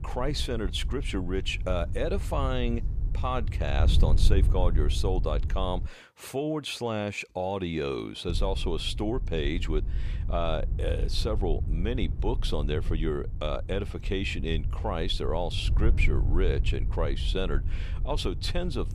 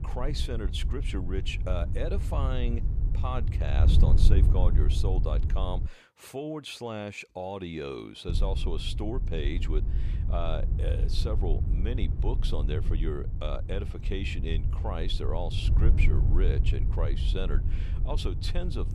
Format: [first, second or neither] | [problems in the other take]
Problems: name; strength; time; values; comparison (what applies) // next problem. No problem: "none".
first | wind noise on the microphone; heavy; until 6 s and from 8.5 s on; 8 dB below the speech; occasional gusts in the first